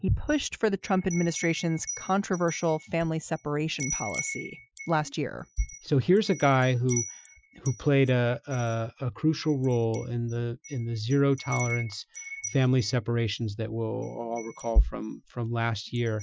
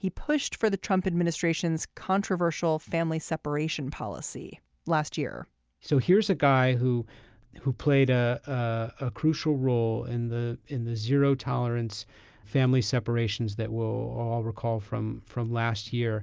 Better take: second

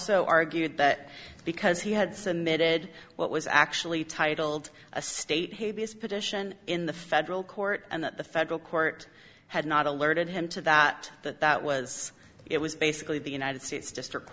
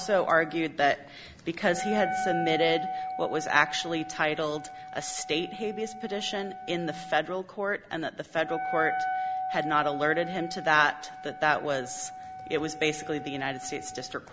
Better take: first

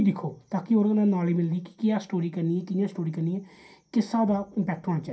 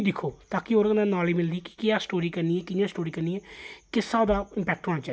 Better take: second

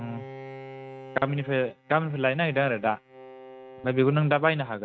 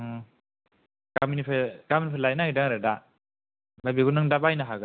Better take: second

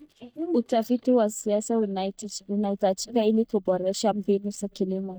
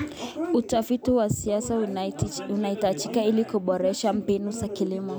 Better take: second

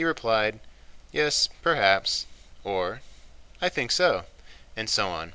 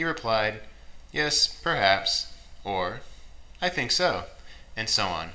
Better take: first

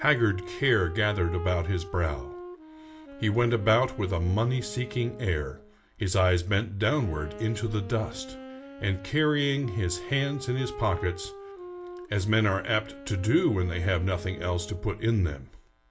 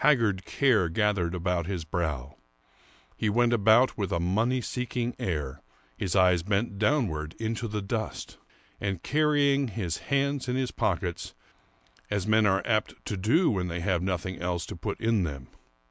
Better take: second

